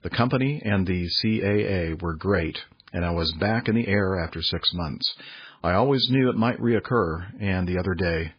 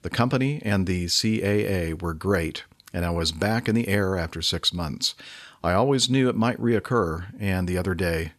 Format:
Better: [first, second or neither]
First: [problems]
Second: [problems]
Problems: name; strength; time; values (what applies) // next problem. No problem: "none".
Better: second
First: garbled, watery; badly; nothing above 4.5 kHz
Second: none